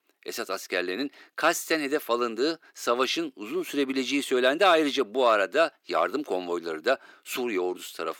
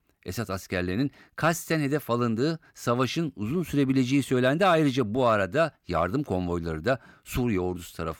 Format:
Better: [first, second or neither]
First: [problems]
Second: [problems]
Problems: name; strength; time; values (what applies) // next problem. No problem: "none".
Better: second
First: thin; somewhat; fading below 350 Hz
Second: none